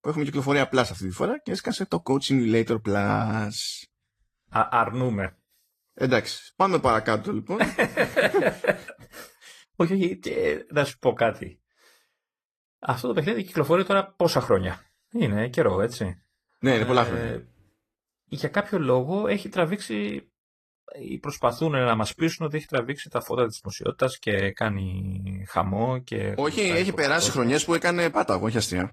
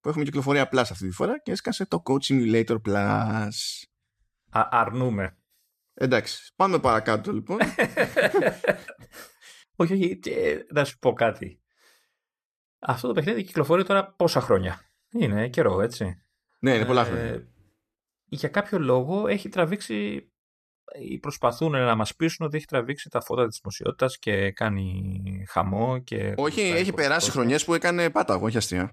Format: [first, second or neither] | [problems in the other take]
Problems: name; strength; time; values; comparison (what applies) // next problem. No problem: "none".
second | garbled, watery; slightly; nothing above 14.5 kHz